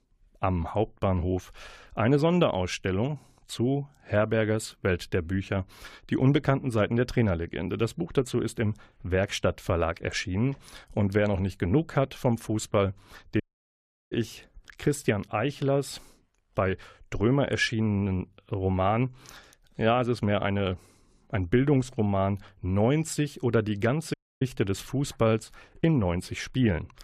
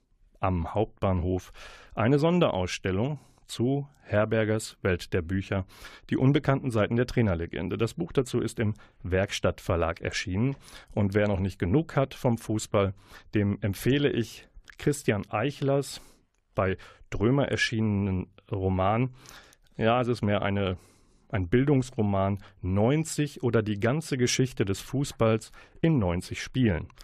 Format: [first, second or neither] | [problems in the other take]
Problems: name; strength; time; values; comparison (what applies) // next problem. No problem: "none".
second | audio cutting out; at 13 s for 0.5 s and at 24 s